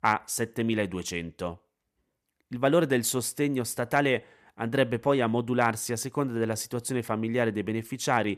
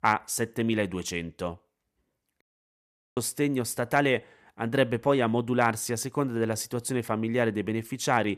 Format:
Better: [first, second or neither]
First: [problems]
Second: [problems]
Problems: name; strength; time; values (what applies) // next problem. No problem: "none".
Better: first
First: none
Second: audio cutting out; at 2.5 s for 1 s